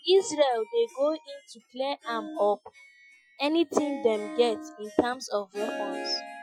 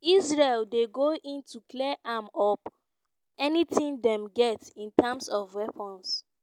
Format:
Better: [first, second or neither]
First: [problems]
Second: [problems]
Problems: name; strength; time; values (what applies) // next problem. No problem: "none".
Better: second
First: noise reduction (classical method Wiener filter)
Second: none